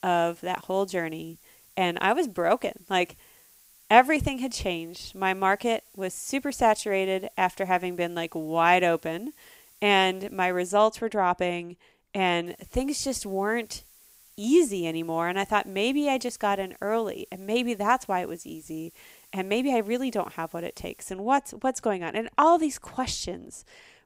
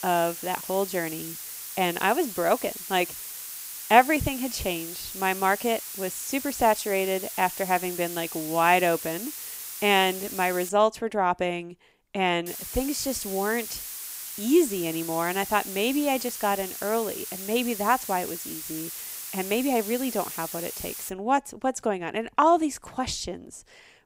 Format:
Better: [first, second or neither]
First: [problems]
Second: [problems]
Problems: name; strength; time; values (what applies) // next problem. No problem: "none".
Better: first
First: hiss; faint; until 11 s and from 12 to 21 s; 25 dB below the speech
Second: hiss; loud; until 11 s and from 12 to 21 s; 8 dB below the speech